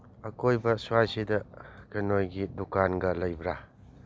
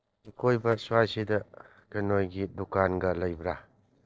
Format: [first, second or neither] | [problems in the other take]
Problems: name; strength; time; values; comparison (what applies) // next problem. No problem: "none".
first | noise reduction (neural separator model SepFormer DNS4)